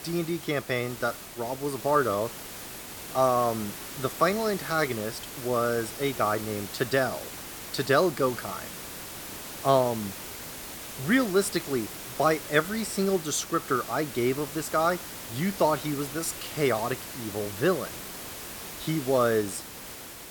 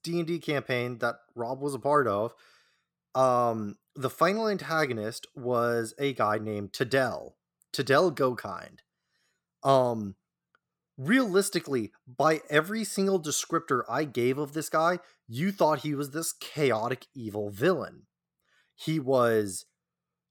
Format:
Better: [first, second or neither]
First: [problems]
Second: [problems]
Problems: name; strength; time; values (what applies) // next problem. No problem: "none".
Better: second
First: hiss; loud; throughout; 10 dB below the speech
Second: none